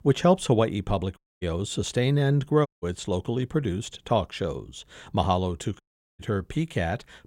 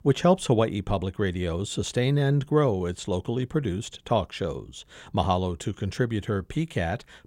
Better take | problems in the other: second | audio cutting out; at 1 s, at 2.5 s and at 6 s

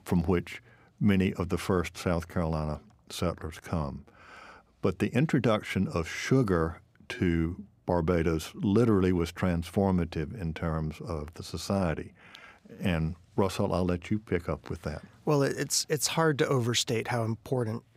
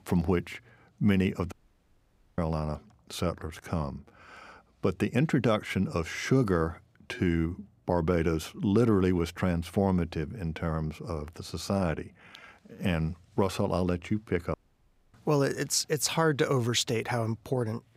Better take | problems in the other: first | audio cutting out; at 1.5 s for 1 s and at 15 s for 0.5 s

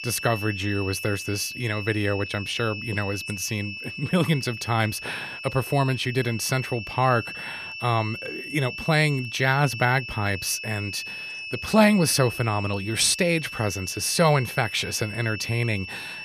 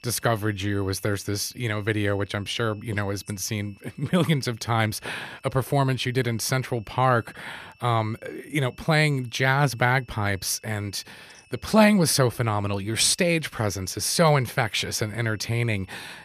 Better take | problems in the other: second | high-pitched whine; loud; throughout; 2.5 kHz, 9 dB below the speech; faint in the second

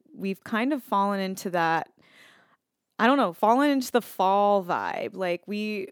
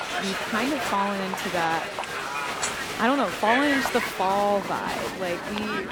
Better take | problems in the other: first | crowd noise; loud; throughout; 2 dB below the speech

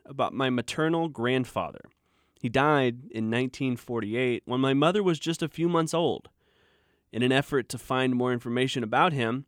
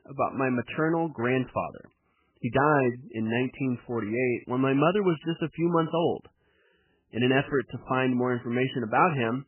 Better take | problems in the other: first | garbled, watery; badly; nothing above 3 kHz

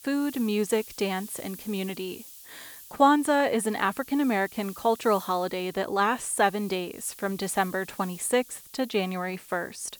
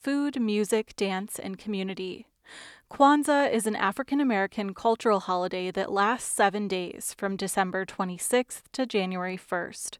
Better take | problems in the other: second | hiss; noticeable; throughout; 15 dB below the speech

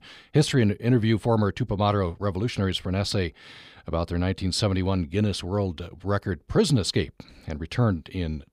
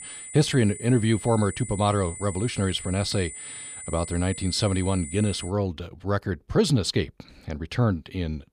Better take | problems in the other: first | high-pitched whine; noticeable; until 5.5 s; 9 kHz, 10 dB below the speech

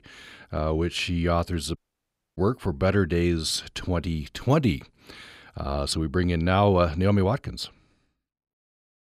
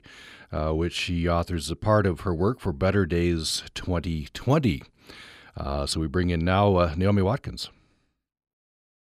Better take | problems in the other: second | audio cutting out; at 2 s for 0.5 s

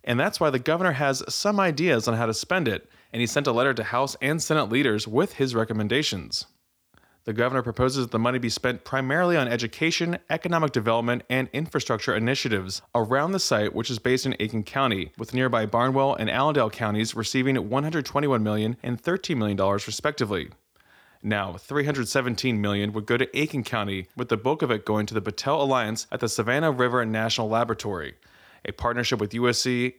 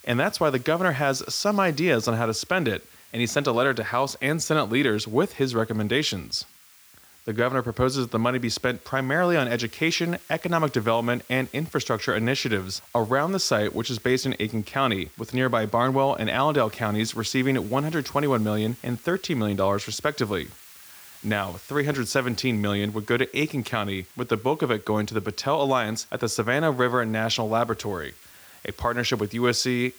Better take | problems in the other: first | hiss; faint; throughout; 25 dB below the speech

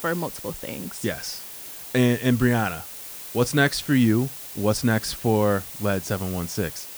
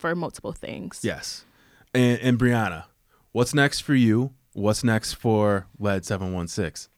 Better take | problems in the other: second | hiss; noticeable; throughout; 10 dB below the speech

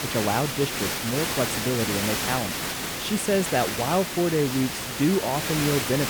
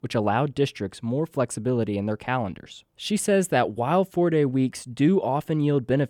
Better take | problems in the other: second | hiss; loud; throughout; 1 dB below the speech

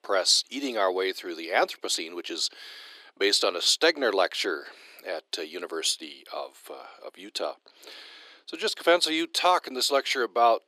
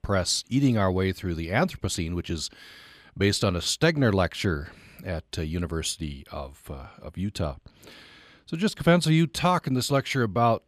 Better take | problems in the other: second | thin; very; fading below 350 Hz

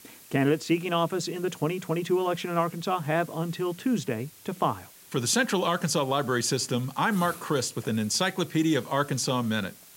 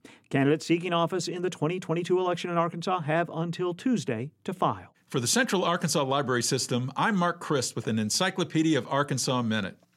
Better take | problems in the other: second | hiss; faint; throughout; 20 dB below the speech

